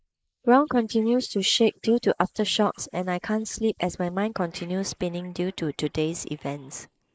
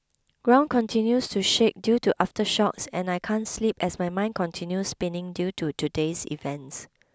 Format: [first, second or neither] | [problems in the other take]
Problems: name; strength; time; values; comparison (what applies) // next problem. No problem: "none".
second | noise reduction (neural mask model Resemble Enhance denoiser)